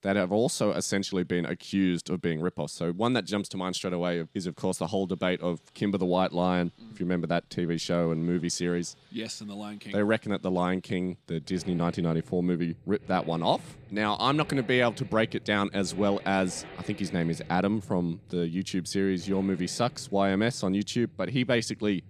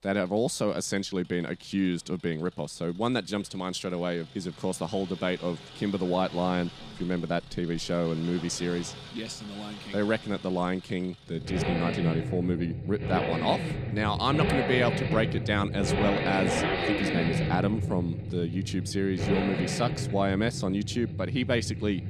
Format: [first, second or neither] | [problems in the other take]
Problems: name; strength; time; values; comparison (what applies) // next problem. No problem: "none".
first | traffic noise; loud; throughout; 2 dB below the speech; faint in the first